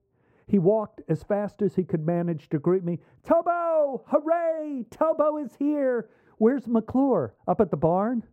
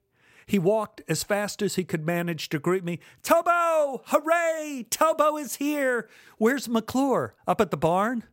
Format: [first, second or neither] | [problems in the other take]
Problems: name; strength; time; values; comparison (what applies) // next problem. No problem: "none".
second | muffled; very; fading above 2 kHz